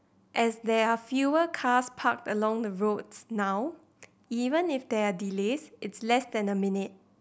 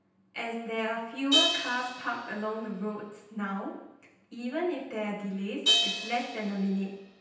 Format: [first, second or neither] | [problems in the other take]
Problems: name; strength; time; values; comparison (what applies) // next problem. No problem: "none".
first | background sound (Crash cymbal); 1 dB below the speech // room echo; dies away in 0.9 s